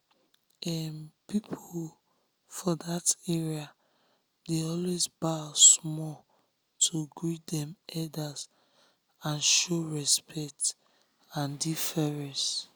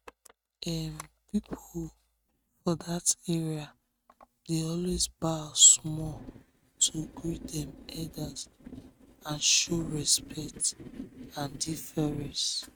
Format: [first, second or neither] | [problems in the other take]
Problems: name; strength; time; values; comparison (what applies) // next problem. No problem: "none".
first | noise reduction (neural mask model RNNoise)